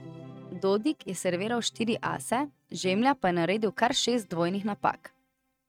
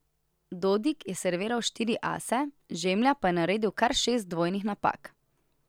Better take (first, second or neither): second